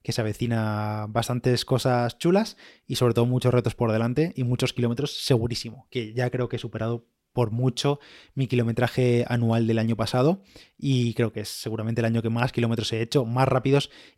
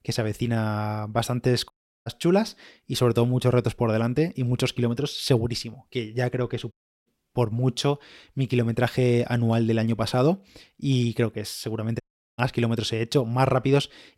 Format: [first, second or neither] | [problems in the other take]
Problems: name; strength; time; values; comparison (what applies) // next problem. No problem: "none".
first | audio cutting out; at 1.5 s, at 6.5 s and at 12 s